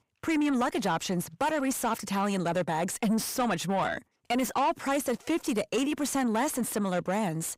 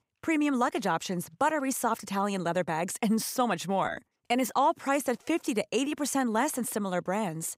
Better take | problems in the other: second | distortion; slight; 10 dB below the speech

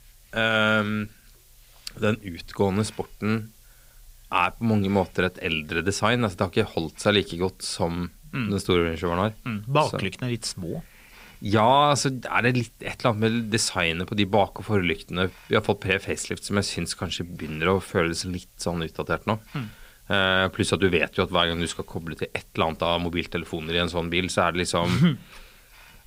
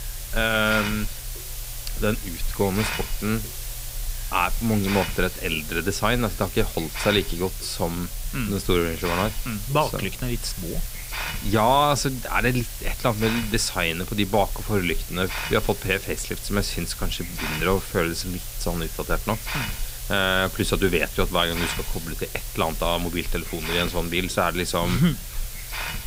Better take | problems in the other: first | hiss; loud; throughout; 7 dB below the speech; faint in the first

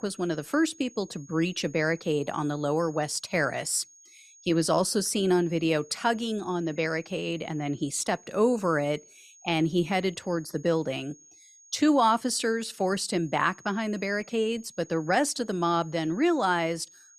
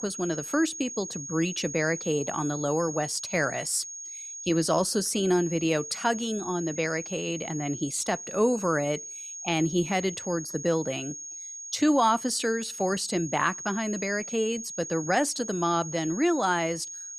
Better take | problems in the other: first | high-pitched whine; loud; throughout; 6.5 kHz, 9 dB below the speech; faint in the first

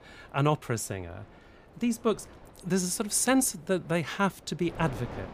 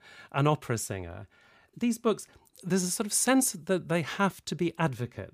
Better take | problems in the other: second | wind noise on the microphone; occasional gusts; 20 dB below the speech

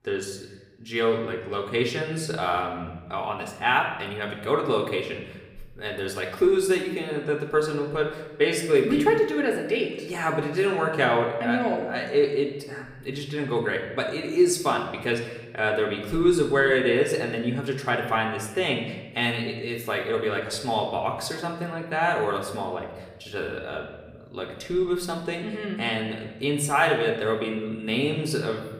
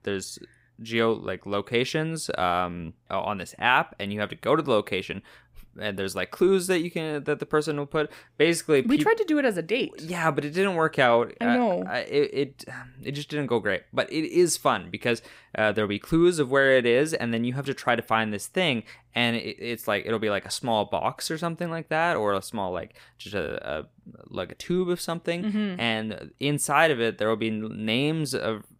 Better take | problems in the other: second | room echo; slight; dies away in 1 s // off-mic speech; somewhat distant

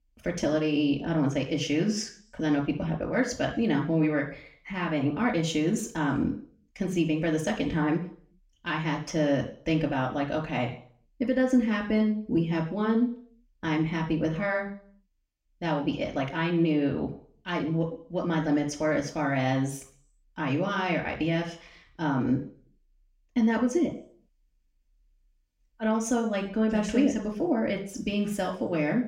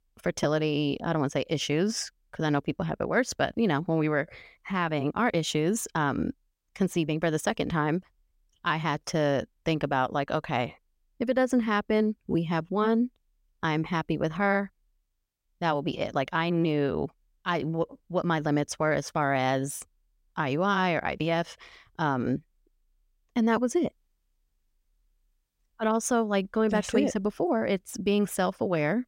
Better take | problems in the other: second | room echo; slight; dies away in 0.5 s // off-mic speech; somewhat distant

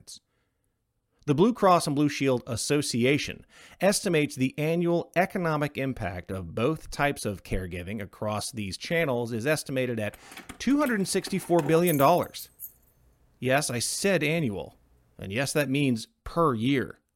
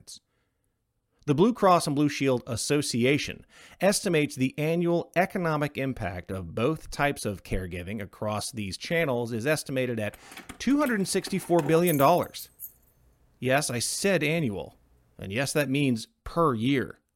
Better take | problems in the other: neither | jangling keys; noticeable; from 10 to 14 s; peak 7 dB below the speech; the same in both

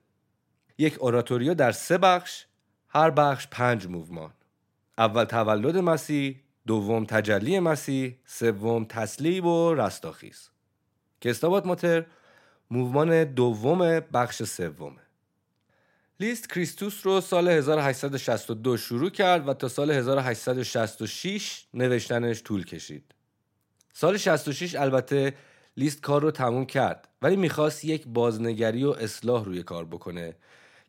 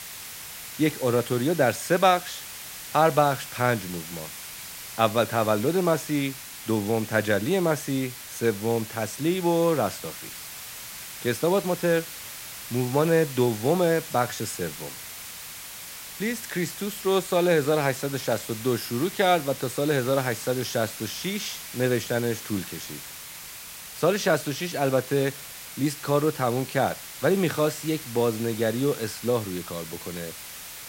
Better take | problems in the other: first | hiss; noticeable; throughout; 10 dB below the speech

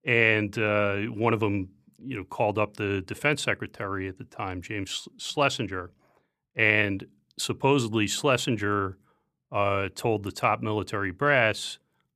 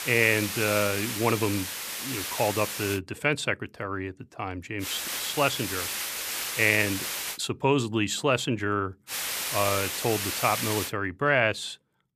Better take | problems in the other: first | hiss; loud; until 3 s, from 5 to 7.5 s and from 9 to 11 s; 3 dB below the speech

